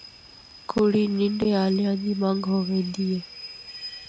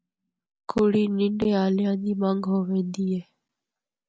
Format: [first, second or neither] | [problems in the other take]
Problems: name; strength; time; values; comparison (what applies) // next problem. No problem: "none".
second | background sound (Rain / Train); 17 dB below the speech